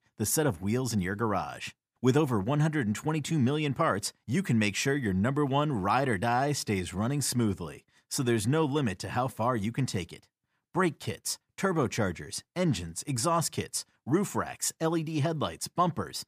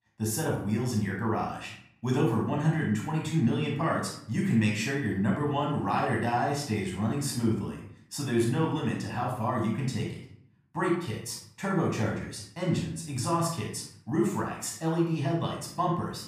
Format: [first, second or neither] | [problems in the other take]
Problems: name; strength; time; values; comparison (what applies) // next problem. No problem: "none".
first | off-mic speech; far // room echo; noticeable; dies away in 0.5 s